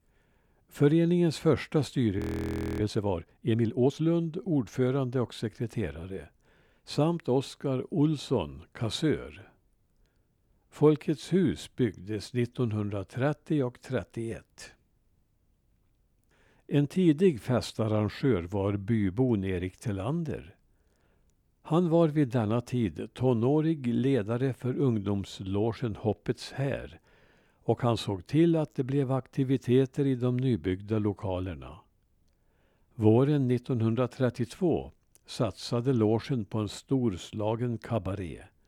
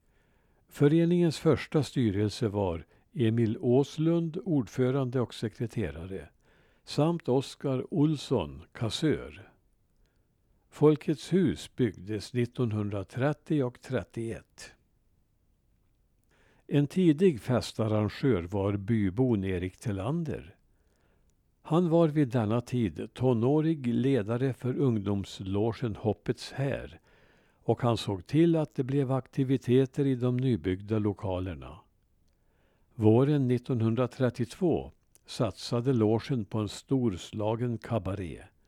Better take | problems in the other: second | audio freezing; at 2 s for 0.5 s

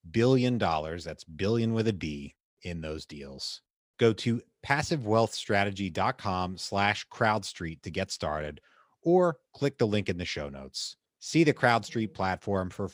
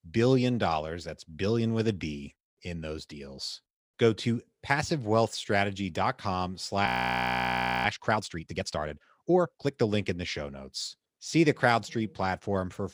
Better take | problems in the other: first | audio freezing; at 7 s for 1 s

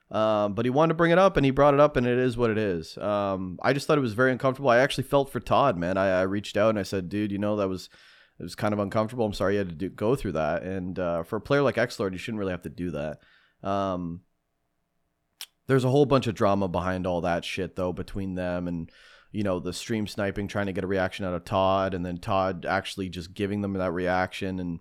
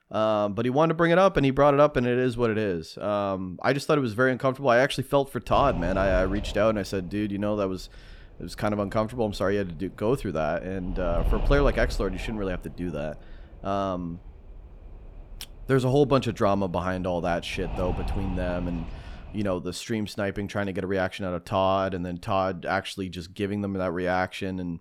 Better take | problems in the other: first | wind noise on the microphone; occasional gusts; from 5.5 to 20 s; 15 dB below the speech

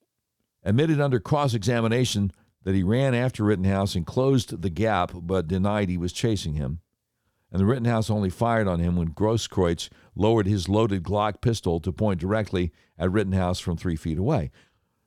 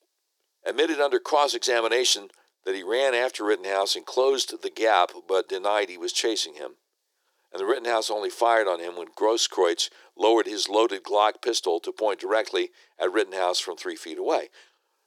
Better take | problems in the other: first | thin; very; fading below 350 Hz

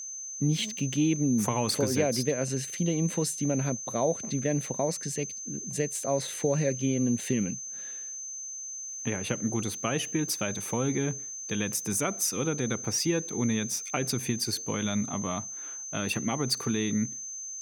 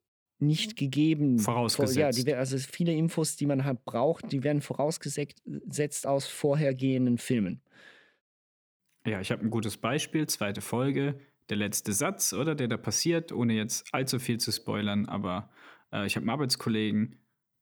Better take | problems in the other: second | high-pitched whine; loud; throughout; 6 kHz, 6 dB below the speech

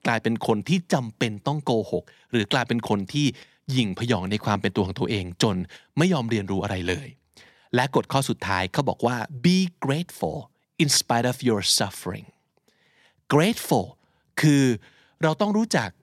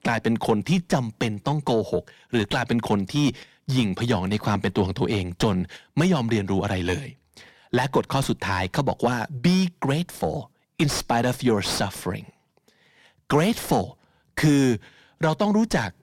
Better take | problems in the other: first | distortion; slight; 9 dB below the speech

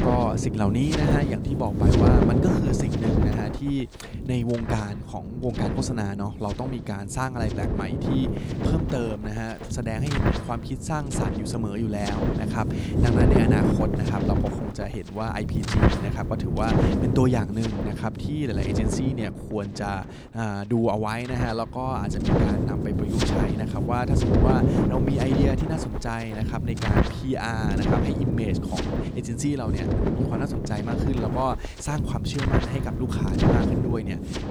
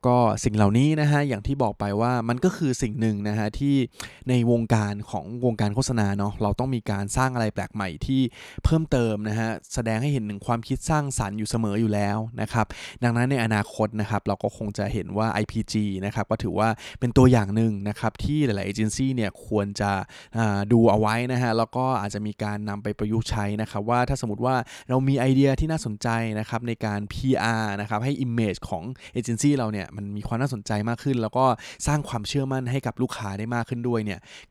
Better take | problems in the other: second | wind noise on the microphone; heavy; 1 dB above the speech

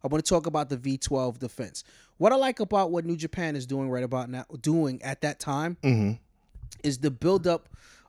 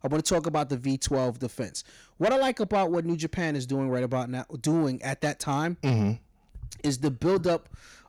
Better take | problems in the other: first | distortion; slight; 10 dB below the speech

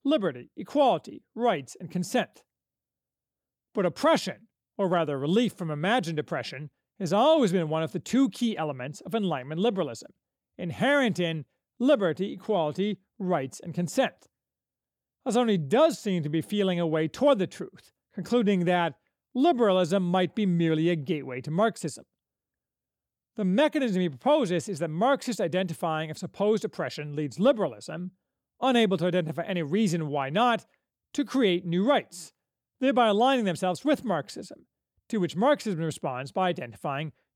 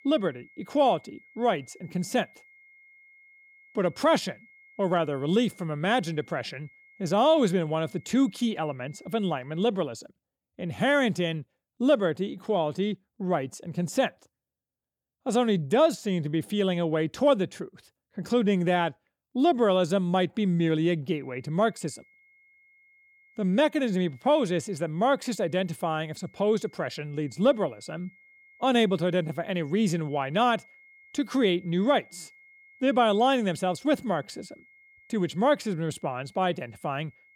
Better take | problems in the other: first | high-pitched whine; faint; until 9.5 s and from 21 s on; 2 kHz, 30 dB below the speech

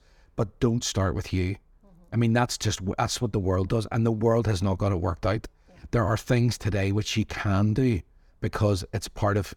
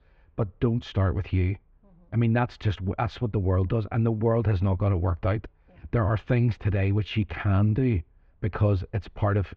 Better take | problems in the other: first | muffled; very; fading above 3 kHz

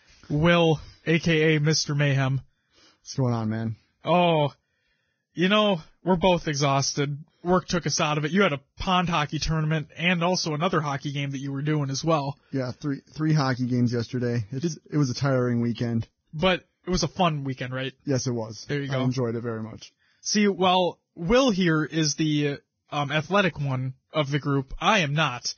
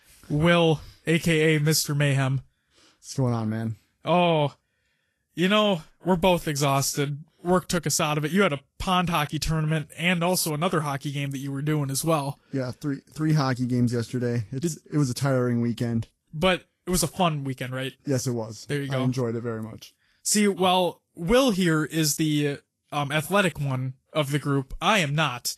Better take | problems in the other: second | garbled, watery; badly; nothing above 6.5 kHz; slightly in the second

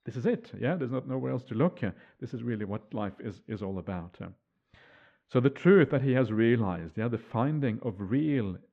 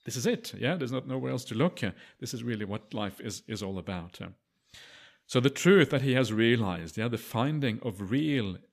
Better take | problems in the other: second | muffled; very; fading above 1.5 kHz

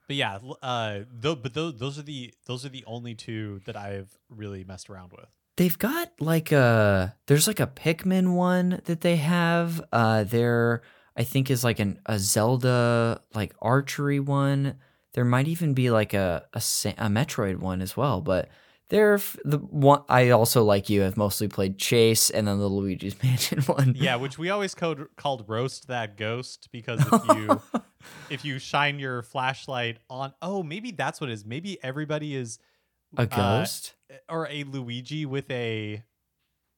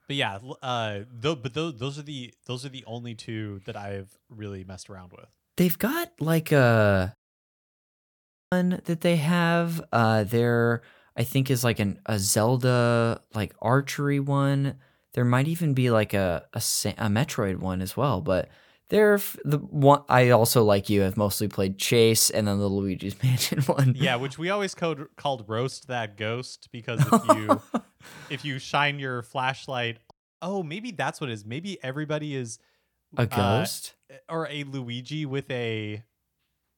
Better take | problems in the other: first | audio cutting out; at 7 s for 1.5 s and at 30 s

